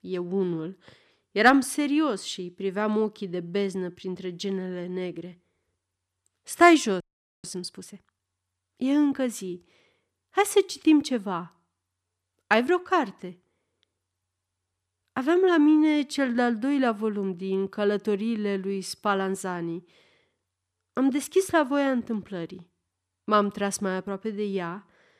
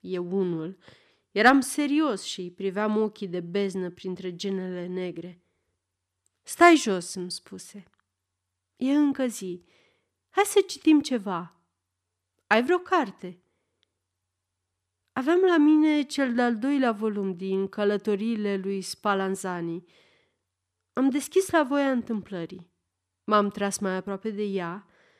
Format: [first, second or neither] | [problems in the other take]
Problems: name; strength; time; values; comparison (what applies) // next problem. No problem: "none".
second | audio freezing; at 7 s